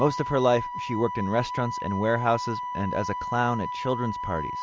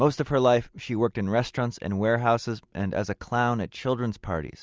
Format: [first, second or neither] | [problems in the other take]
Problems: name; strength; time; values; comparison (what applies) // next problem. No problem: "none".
second | background sound (Wind instrument, woodwind instrument); 6 dB below the speech